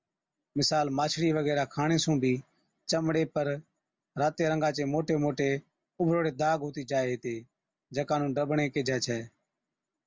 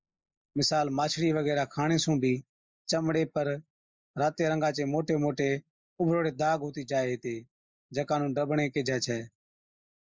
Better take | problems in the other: first | noise reduction (neural mask model Resemble Enhance denoiser)

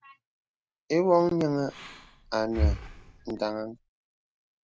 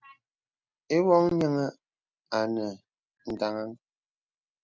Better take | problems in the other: second | background sound (Breathing); 4 dB below the speech

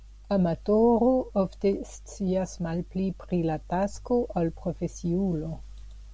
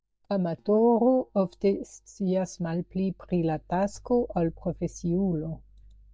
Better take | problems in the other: first | noise reduction (neural mask model DeepFilterNet 3)

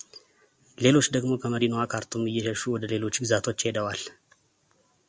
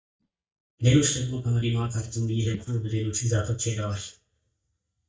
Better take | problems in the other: first | noise reduction (neural mask model DeepFilterNet 3)

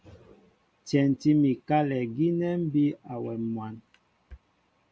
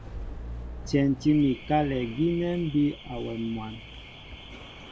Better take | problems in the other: first | background sound (Alarm / Car); 12 dB below the speech

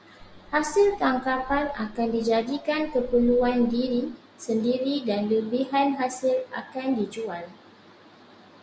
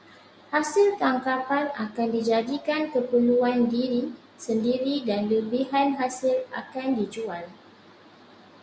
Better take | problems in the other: second | background sound (Boat, Water vehicle); 16 dB below the speech

